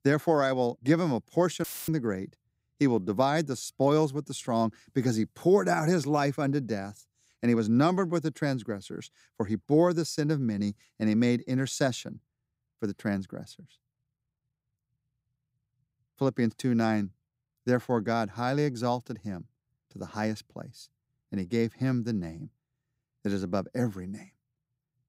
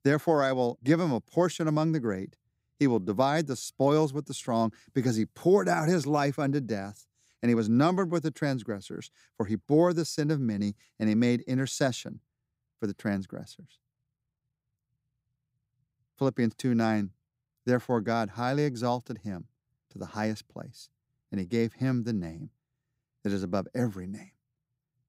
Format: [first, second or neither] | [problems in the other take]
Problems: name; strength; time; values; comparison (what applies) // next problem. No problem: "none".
second | audio cutting out; filled with static; at 1.5 s